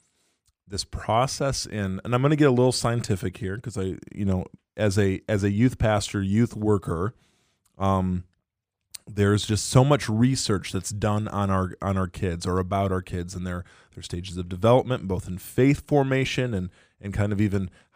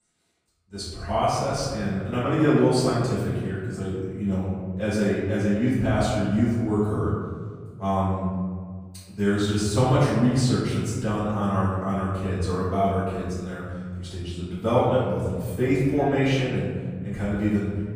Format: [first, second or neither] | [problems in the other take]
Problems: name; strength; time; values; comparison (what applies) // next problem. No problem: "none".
first | off-mic speech; far // room echo; strong; dies away in 1.7 s